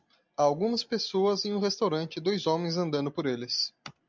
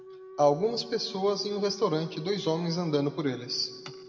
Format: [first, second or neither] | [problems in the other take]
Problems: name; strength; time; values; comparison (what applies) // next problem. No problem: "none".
first | background sound (Wind instrument, woodwind instrument); 17 dB below the speech // room echo; dies away in 1.4 s